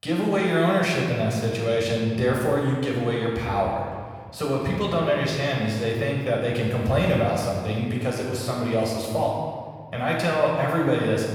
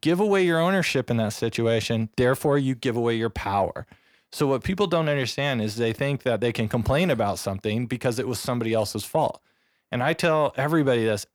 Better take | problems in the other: second | off-mic speech; far // room echo; noticeable; dies away in 1.6 s

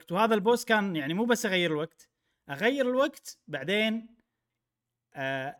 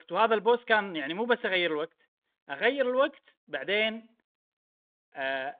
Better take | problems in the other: first | phone-call audio; nothing above 3.5 kHz

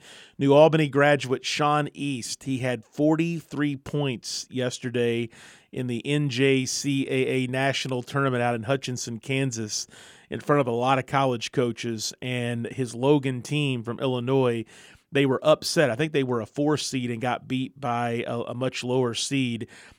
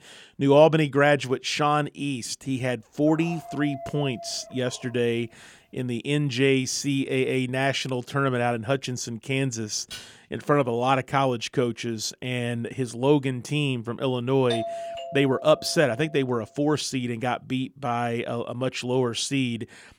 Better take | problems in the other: first | dog barking; faint; from 3 to 5 s; peak 15 dB below the speech // clattering dishes; faint; at 10 s; peak 15 dB below the speech // doorbell; noticeable; from 15 to 16 s; peak 6 dB below the speech

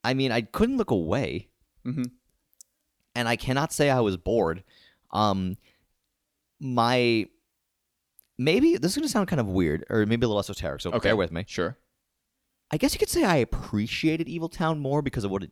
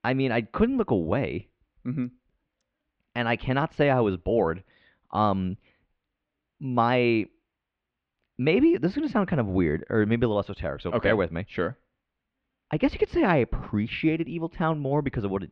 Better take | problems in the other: first | muffled; very; fading above 3 kHz

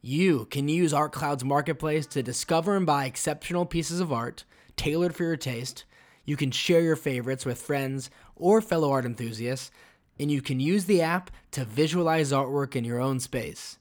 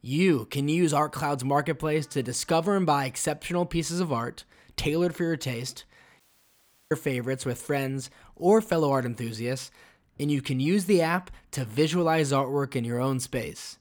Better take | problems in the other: first | audio cutting out; at 6 s for 0.5 s

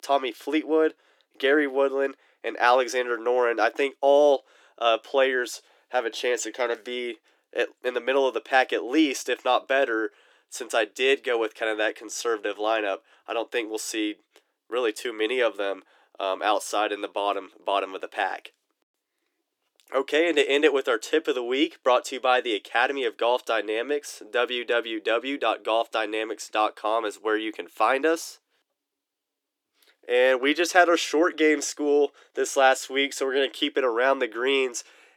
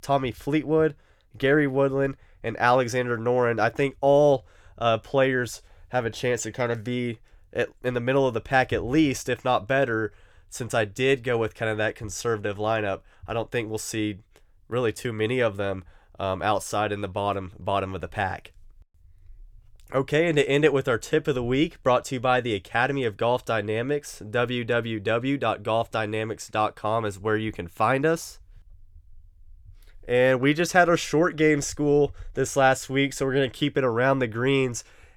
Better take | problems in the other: second | thin; somewhat; fading below 300 Hz

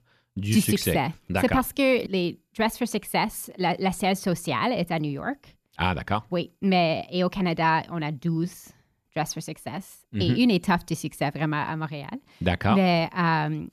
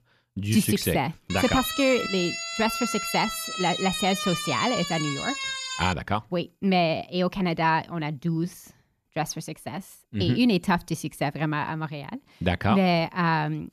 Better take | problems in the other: first | siren; noticeable; from 1.5 to 6 s; peak 3 dB below the speech

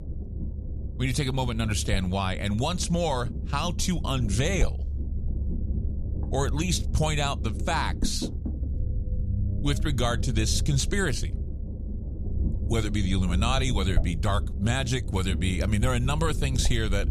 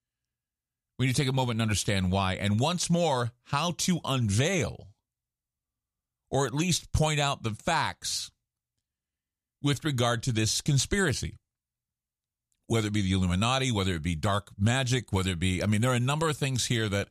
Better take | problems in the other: second | low rumble; noticeable; throughout; 15 dB below the speech

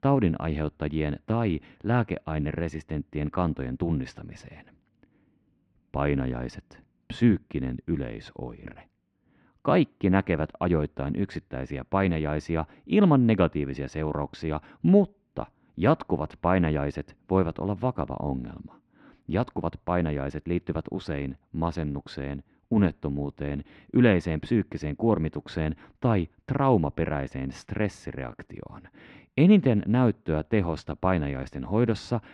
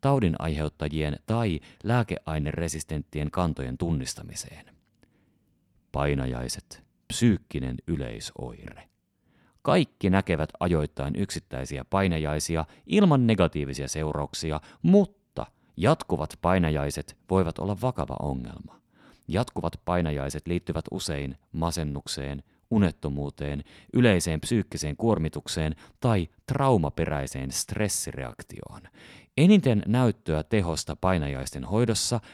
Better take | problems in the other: second | muffled; very; fading above 2 kHz

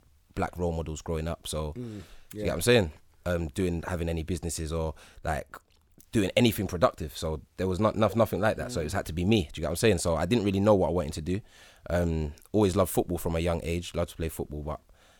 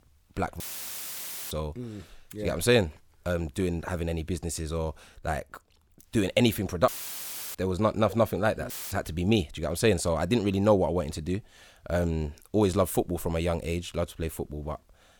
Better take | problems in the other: first | audio cutting out; filled with static; at 0.5 s for 1 s, at 7 s for 0.5 s and at 8.5 s

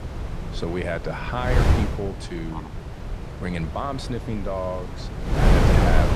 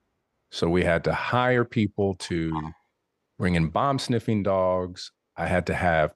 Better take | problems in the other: second | wind noise on the microphone; heavy; 1 dB below the speech

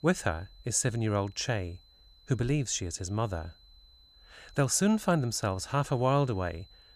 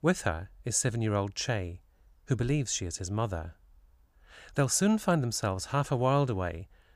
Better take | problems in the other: second | high-pitched whine; faint; throughout; 4 kHz, 30 dB below the speech

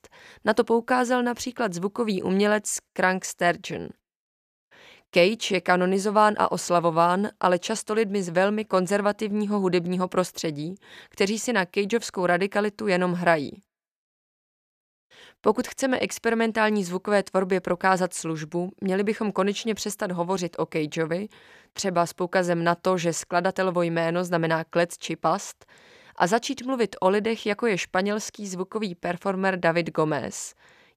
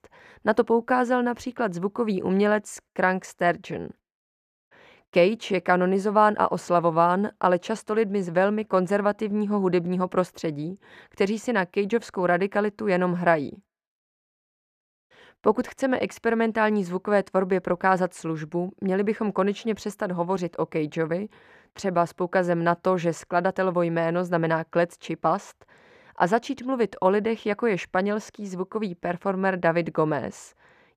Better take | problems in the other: first | muffled; slightly; fading above 2.5 kHz

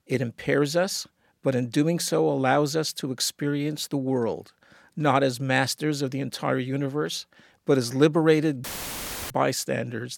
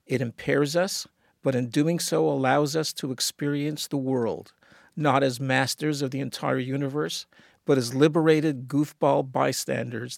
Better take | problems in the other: second | audio cutting out; filled with static; at 8.5 s for 0.5 s

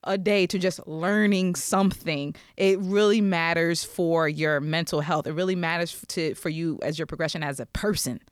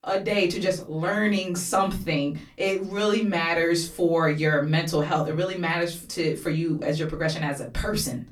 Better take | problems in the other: first | off-mic speech; far // room echo; very slight; dies away in 0.2 s

